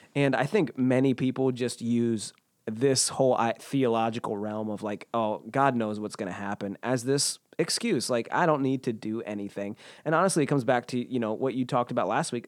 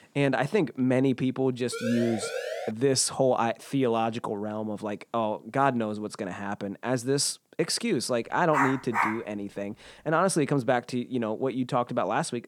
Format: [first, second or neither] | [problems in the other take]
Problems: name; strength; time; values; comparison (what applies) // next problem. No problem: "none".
first | siren; noticeable; at 1.5 s; peak 5 dB below the speech // dog barking; loud; at 8.5 s; peak level with the speech